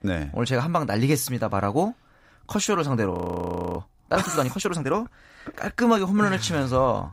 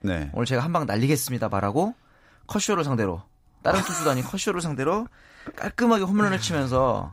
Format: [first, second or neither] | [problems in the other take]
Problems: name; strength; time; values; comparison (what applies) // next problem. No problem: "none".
second | audio freezing; at 3 s for 0.5 s